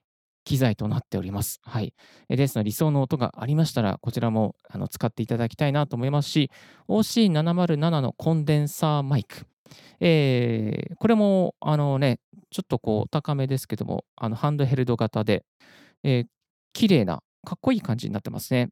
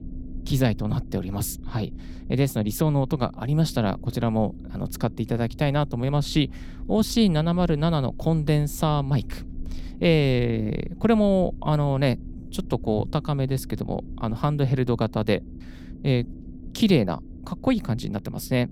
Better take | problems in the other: first | low rumble; faint; throughout; 20 dB below the speech

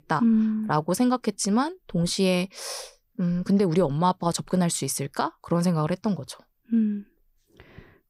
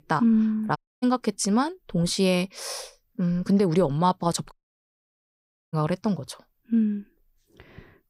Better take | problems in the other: first | audio cutting out; at 1 s and at 4.5 s for 1 s

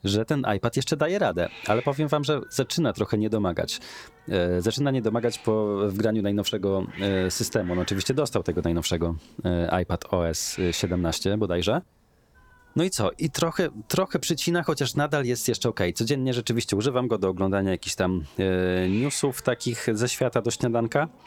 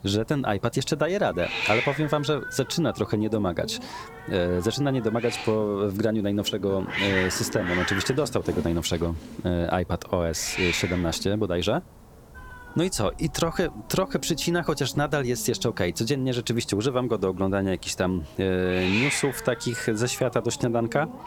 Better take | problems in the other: first | hiss; loud; throughout; 7 dB below the speech; faint in the first

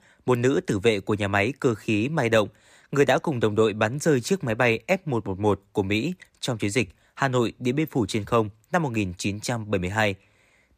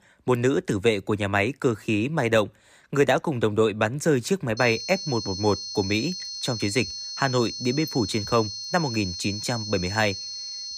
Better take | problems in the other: first | high-pitched whine; loud; from 4.5 s on; 4.5 kHz, 7 dB below the speech

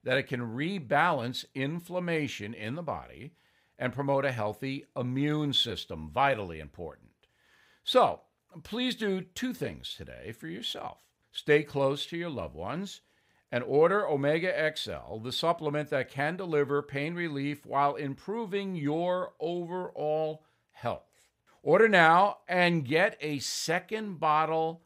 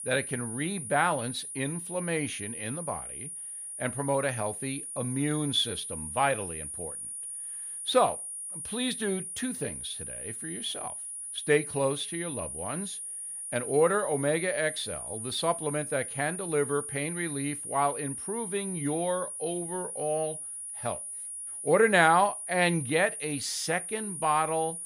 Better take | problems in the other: first | high-pitched whine; loud; throughout; 9.5 kHz, 6 dB below the speech

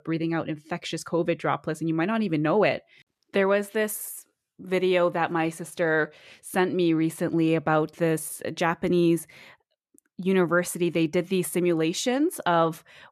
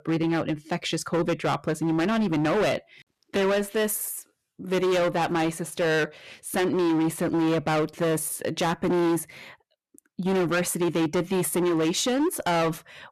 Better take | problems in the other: first | distortion; heavy; 21% of the sound clipped

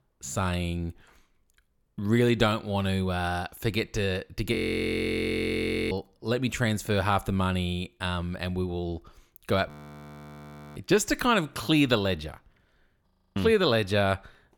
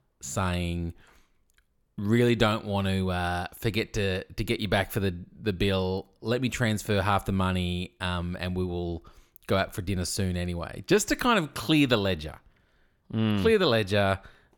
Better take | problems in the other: second | audio freezing; at 4.5 s for 1.5 s, at 9.5 s for 1 s and at 13 s

